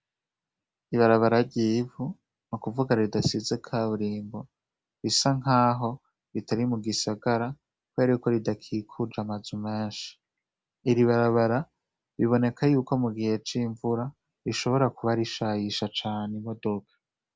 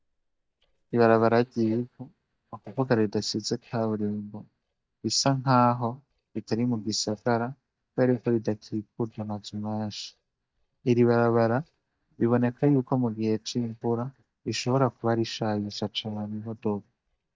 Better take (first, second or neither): first